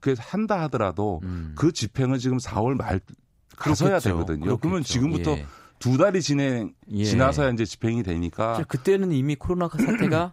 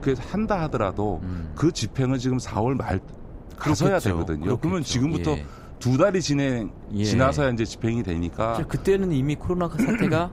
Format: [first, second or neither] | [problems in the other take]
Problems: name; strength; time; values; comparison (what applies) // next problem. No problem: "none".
first | wind noise on the microphone; occasional gusts; 20 dB below the speech